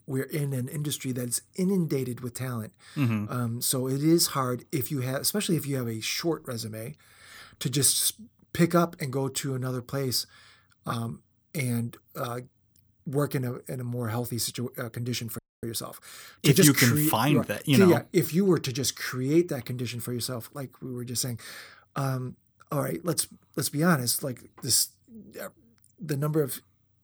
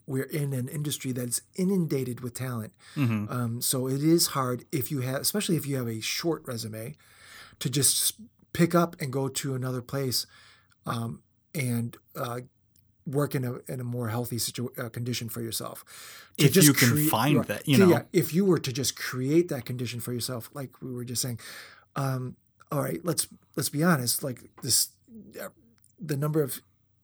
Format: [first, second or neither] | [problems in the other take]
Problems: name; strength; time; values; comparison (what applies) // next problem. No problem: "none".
second | audio freezing; at 15 s